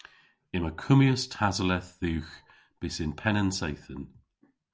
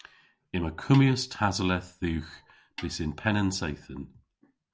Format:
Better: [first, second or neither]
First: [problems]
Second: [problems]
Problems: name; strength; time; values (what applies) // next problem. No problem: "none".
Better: first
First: none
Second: background sound (Snare drum); 18 dB below the speech